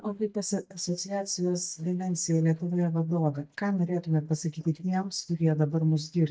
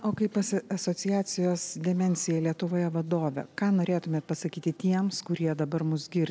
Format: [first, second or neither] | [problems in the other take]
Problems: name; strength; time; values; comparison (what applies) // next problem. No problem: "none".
second | noise reduction (neural mask model DeepFilterNet 3)